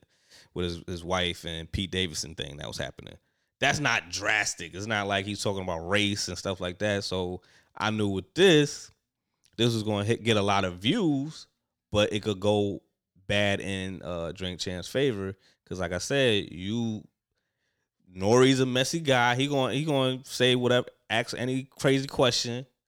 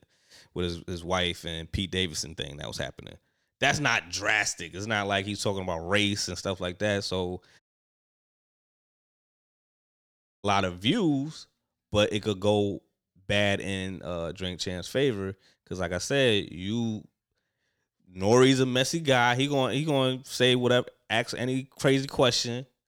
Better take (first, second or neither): first